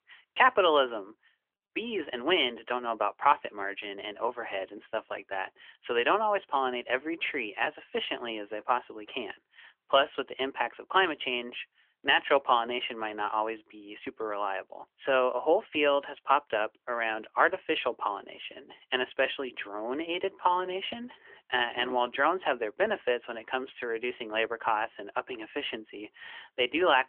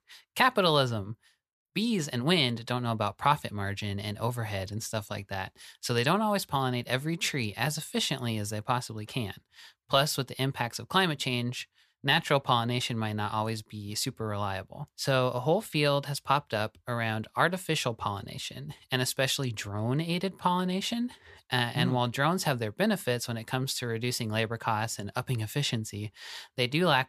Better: second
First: phone-call audio; nothing above 3 kHz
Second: none

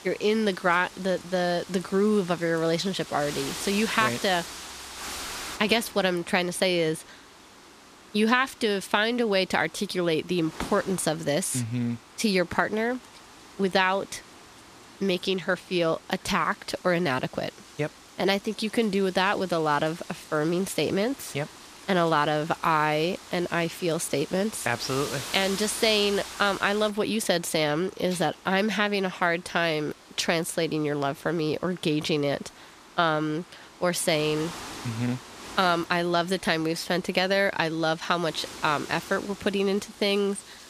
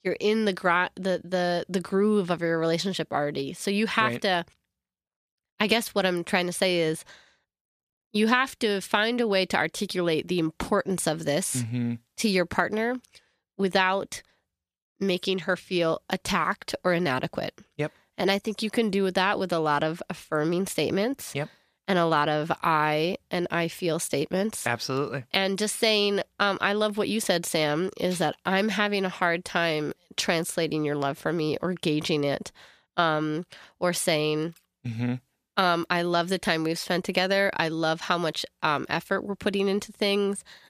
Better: second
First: wind noise on the microphone; occasional gusts; 15 dB below the speech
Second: none

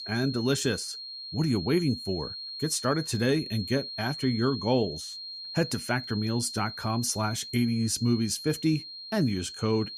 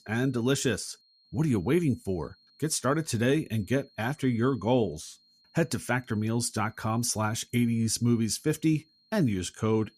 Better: second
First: high-pitched whine; loud; throughout; 4 kHz, 8 dB below the speech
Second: high-pitched whine; faint; throughout; 4 kHz, 35 dB below the speech

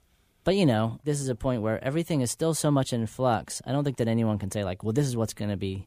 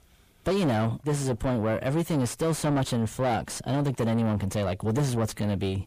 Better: first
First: none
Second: distortion; heavy; 7 dB below the speech

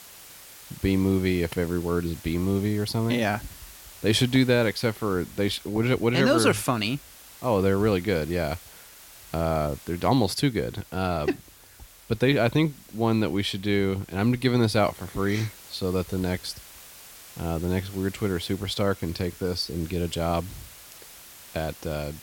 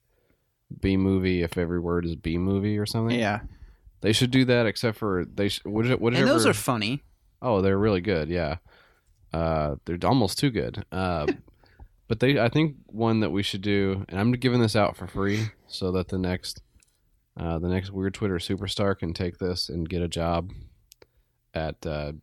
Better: second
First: hiss; noticeable; throughout; 20 dB below the speech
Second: none

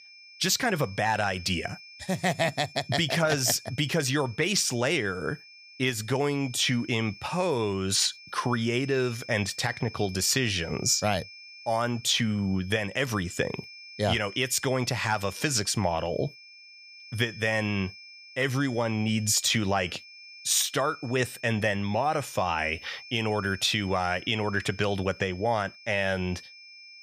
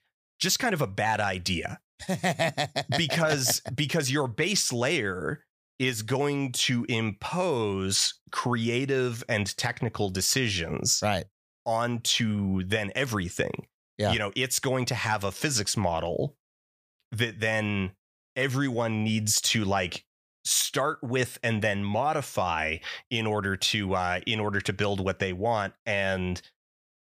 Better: second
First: high-pitched whine; noticeable; throughout; 2.5 kHz, 20 dB below the speech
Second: none

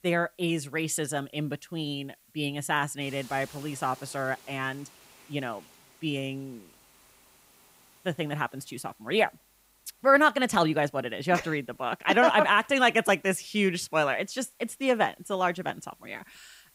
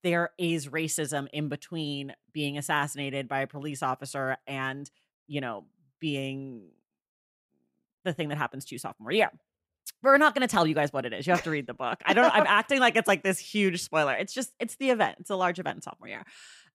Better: second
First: hiss; faint; throughout; 30 dB below the speech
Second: none

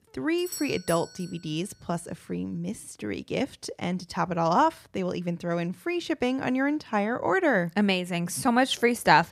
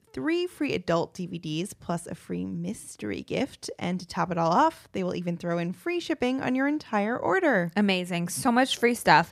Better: second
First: doorbell; noticeable; at 0.5 s; peak 9 dB below the speech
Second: none

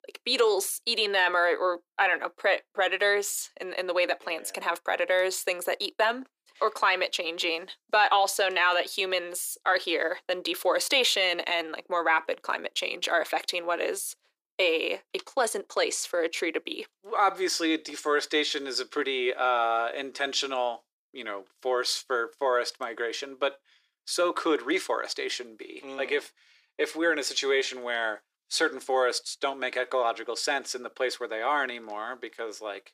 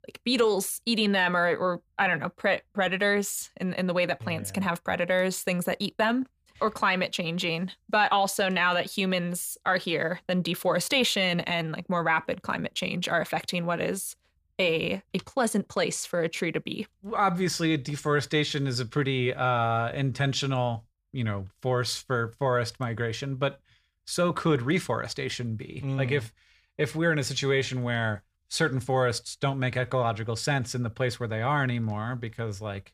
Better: second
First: thin; very; fading below 350 Hz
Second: none

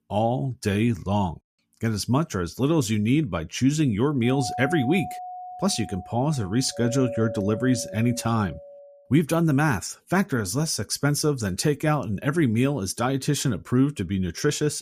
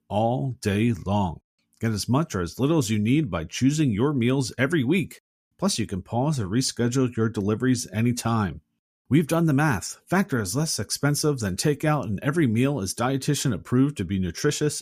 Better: second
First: doorbell; noticeable; from 4 to 9 s; peak 8 dB below the speech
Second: none

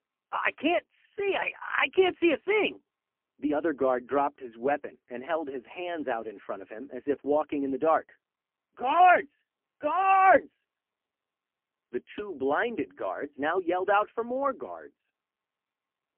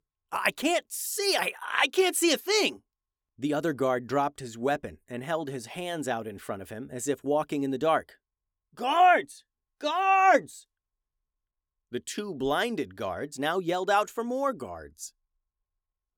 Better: second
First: phone-call audio; poor line; nothing above 3 kHz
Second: none

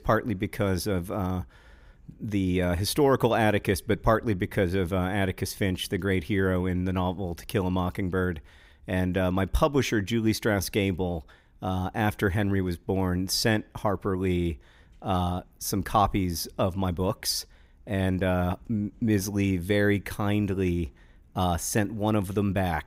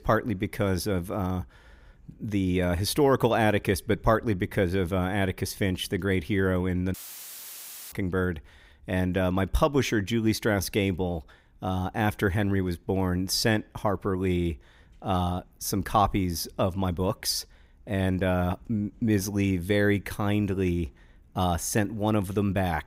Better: first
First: none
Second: audio cutting out; filled with static; at 7 s for 1 s

